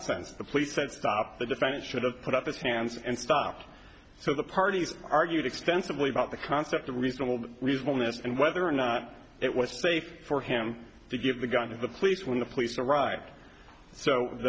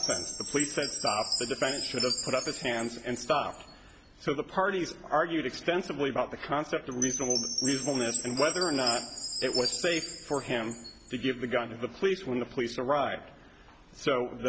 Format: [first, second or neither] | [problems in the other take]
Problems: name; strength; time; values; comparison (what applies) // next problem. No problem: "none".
first | background sound (Chime); 6 dB below the speech